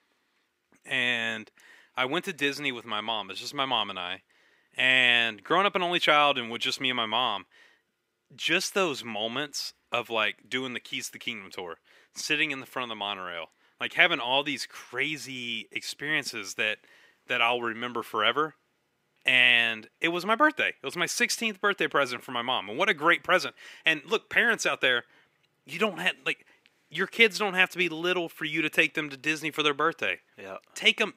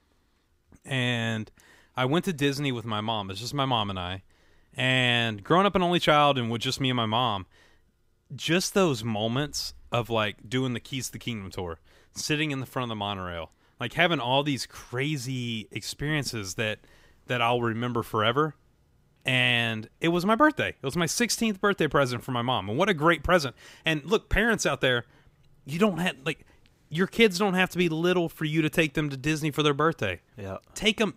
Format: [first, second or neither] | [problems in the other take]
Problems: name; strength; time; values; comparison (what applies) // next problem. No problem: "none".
second | thin; somewhat; fading below 300 Hz